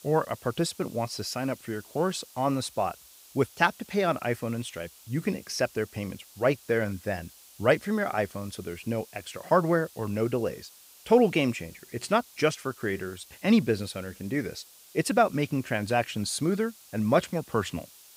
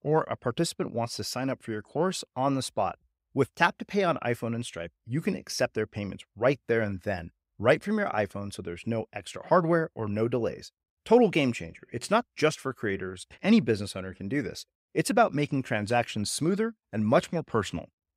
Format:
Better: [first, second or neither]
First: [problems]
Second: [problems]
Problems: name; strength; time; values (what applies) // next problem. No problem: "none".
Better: second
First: hiss; faint; throughout; 20 dB below the speech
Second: none